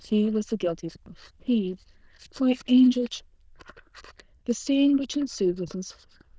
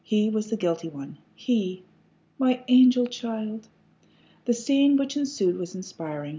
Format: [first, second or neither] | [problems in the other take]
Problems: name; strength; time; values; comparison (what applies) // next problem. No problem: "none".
second | noise reduction (neural diffusion model UNIVERSE++)